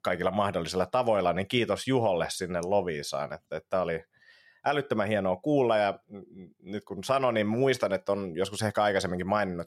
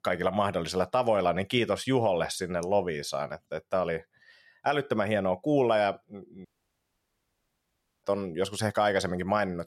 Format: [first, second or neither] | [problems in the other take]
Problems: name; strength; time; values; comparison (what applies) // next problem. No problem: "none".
first | audio cutting out; at 6.5 s for 1.5 s